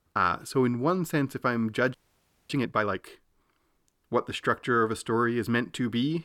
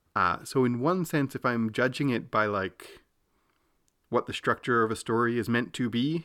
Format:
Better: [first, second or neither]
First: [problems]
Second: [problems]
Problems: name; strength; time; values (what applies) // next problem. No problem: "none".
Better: second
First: audio freezing; at 2 s for 0.5 s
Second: none